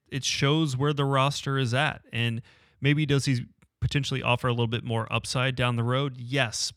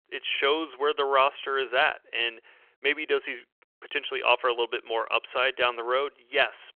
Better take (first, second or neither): first